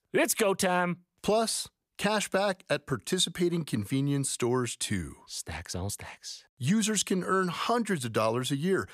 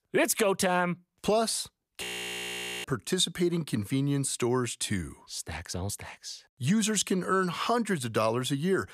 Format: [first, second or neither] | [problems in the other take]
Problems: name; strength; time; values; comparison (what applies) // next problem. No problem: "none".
first | audio freezing; at 2 s for 1 s